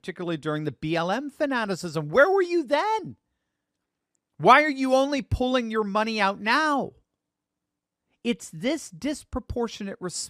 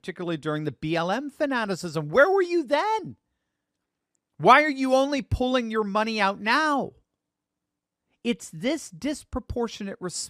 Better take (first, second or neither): neither